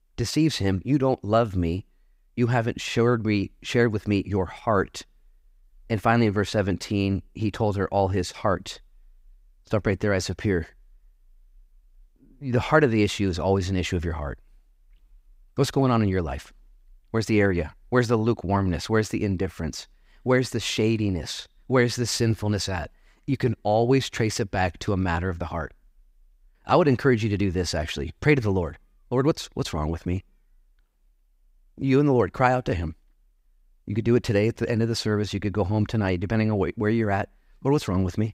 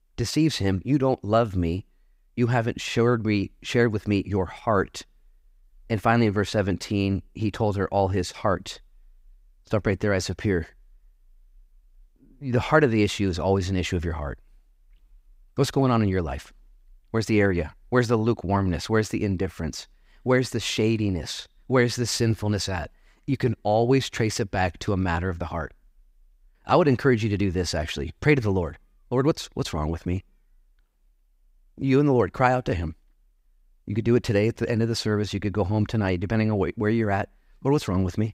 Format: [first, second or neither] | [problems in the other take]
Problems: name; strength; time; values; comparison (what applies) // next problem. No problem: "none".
neither | none